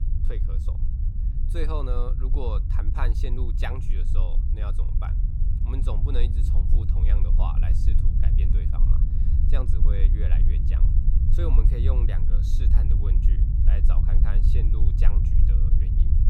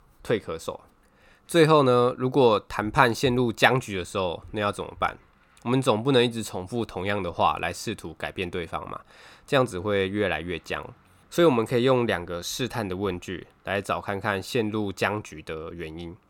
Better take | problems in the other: second | low rumble; loud; throughout; 3 dB below the speech

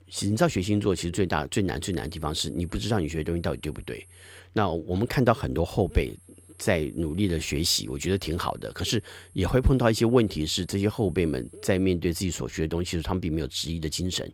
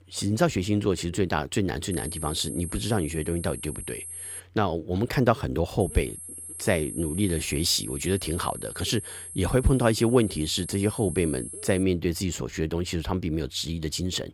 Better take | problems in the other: first | high-pitched whine; loud; from 2 to 4.5 s and from 6 to 12 s; 11 kHz, 9 dB below the speech; faint in the first

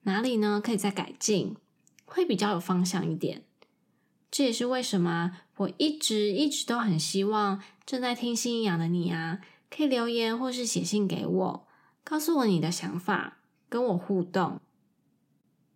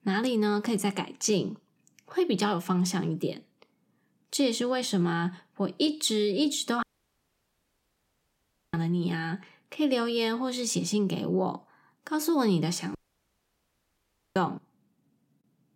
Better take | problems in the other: first | audio cutting out; at 7 s for 2 s and at 13 s for 1.5 s

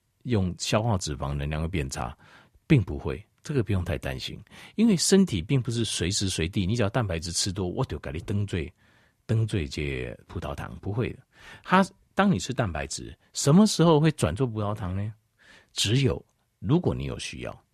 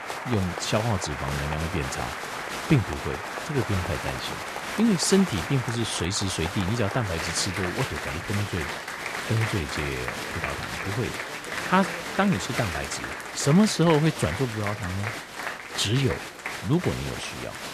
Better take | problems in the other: first | crowd noise; loud; throughout; 5 dB below the speech

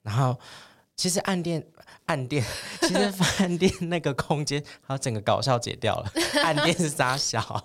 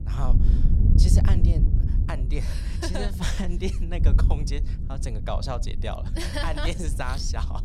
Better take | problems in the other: first | wind noise on the microphone; heavy; 7 dB below the speech

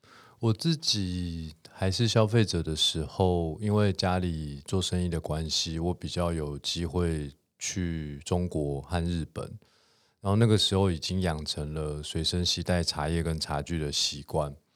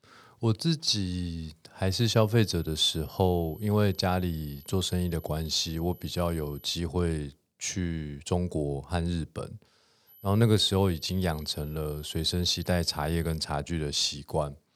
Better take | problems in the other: first | high-pitched whine; faint; from 2 to 7 s and from 10 to 13 s; 12 kHz, 25 dB below the speech

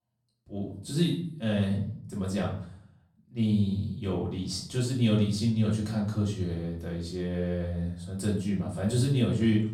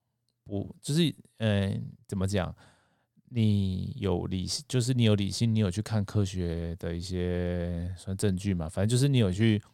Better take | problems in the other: second | room echo; slight; dies away in 0.5 s // off-mic speech; far

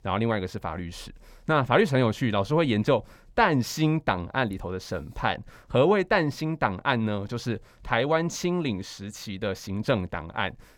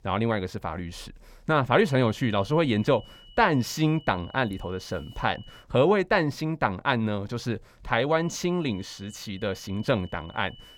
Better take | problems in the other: first | high-pitched whine; faint; from 2 to 5.5 s and from 8 s on; 3 kHz, 25 dB below the speech

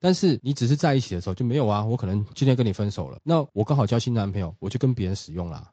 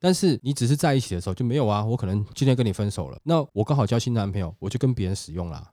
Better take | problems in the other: second | garbled, watery; slightly; nothing above 7.5 kHz

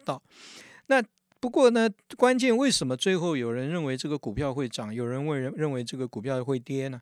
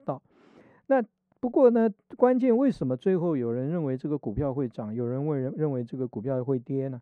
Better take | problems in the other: first | muffled; very; fading above 2 kHz

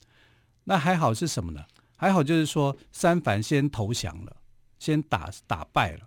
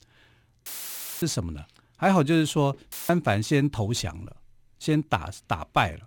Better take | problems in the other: first | audio cutting out; filled with static; at 0.5 s for 0.5 s and at 3 s

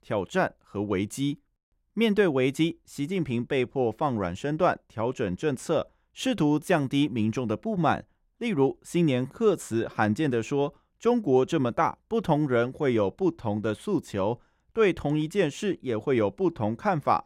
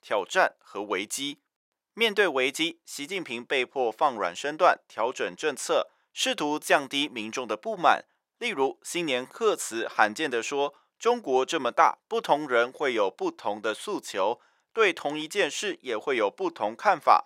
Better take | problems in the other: first | thin; very; fading below 650 Hz

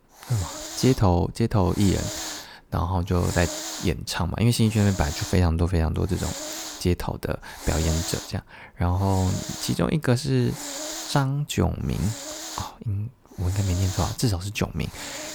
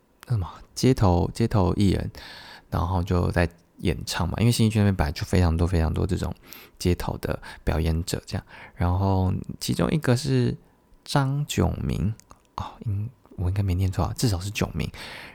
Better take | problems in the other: second | hiss; loud; throughout; 9 dB below the speech

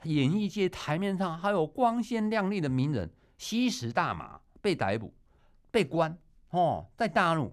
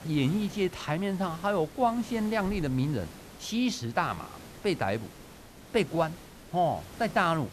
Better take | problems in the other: first | hiss; noticeable; throughout; 15 dB below the speech

